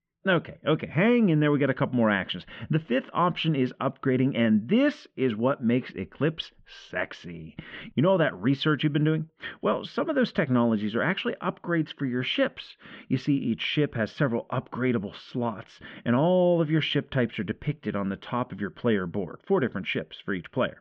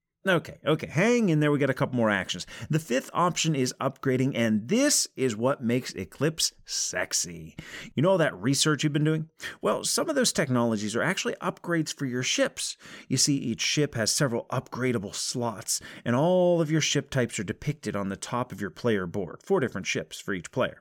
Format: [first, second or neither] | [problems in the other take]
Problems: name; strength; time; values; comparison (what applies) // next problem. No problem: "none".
second | muffled; very; fading above 3.5 kHz